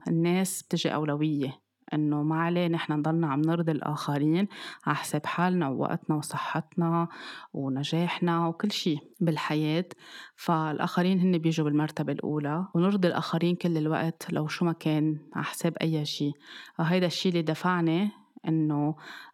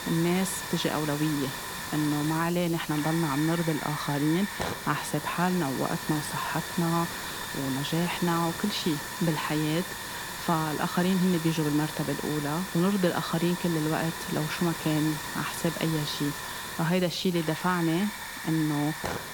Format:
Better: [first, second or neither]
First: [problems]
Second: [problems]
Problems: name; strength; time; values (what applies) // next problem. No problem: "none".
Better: first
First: none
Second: hiss; loud; throughout; 6 dB below the speech